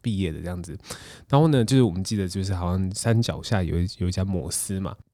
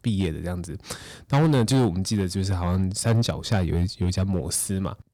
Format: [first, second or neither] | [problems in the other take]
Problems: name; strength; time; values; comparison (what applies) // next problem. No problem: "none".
first | distortion; slight; 5% of the sound clipped